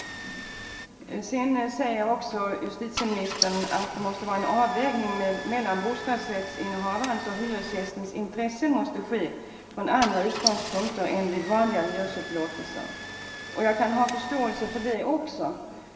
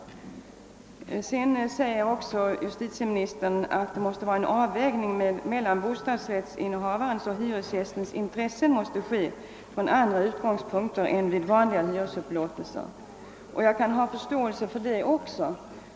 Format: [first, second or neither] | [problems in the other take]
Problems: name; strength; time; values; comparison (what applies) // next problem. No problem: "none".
second | background sound (Engine starting / Car); 10 dB below the speech // room echo; dies away in 1 s